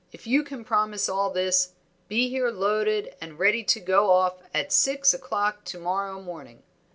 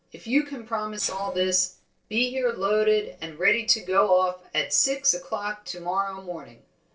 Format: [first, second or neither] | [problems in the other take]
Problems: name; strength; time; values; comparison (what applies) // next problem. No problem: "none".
first | noise reduction (neural separator model SepFormer DNS4)